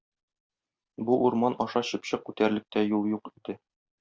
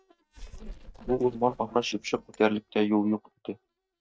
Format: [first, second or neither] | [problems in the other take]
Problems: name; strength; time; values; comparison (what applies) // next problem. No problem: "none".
first | noise reduction (neural mask model DeepFilterNet 3)